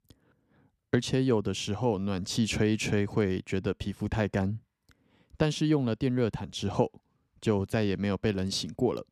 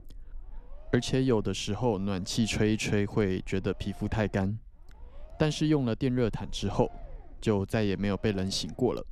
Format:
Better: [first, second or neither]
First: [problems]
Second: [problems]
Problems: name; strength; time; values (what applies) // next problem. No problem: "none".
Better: first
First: none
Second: low rumble; faint; throughout; 25 dB below the speech